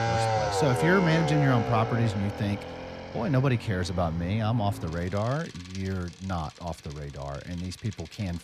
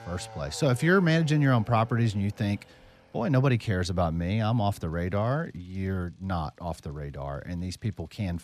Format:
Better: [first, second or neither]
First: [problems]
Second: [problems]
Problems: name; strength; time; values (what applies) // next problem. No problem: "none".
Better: second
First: traffic noise; loud; throughout; 3 dB below the speech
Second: traffic noise; faint; throughout; 25 dB below the speech